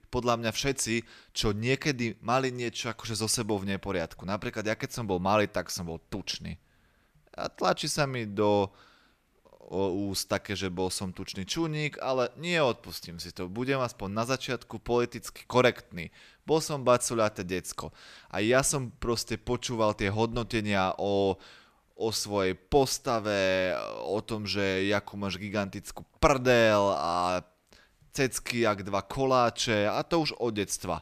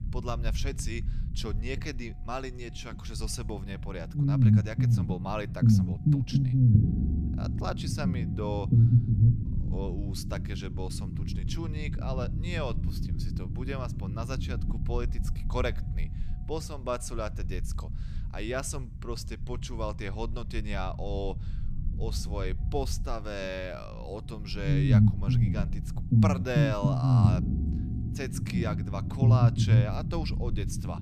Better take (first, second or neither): first